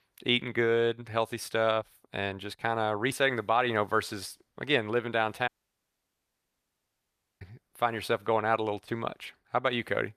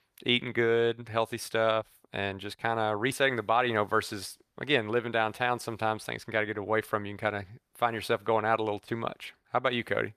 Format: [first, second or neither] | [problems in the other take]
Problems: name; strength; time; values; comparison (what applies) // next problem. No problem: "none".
second | audio cutting out; at 5.5 s for 2 s